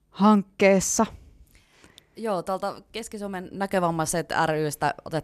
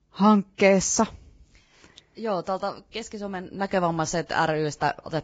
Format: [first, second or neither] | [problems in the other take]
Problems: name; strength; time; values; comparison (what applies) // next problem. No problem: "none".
first | garbled, watery; badly; nothing above 7.5 kHz